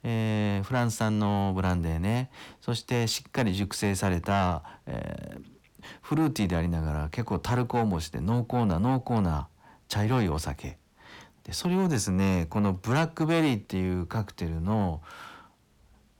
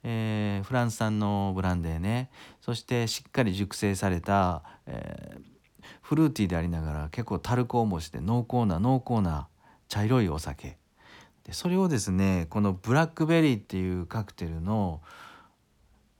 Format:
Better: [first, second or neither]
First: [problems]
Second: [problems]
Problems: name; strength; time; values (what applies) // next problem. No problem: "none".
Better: second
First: distortion; slight; 10 dB below the speech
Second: none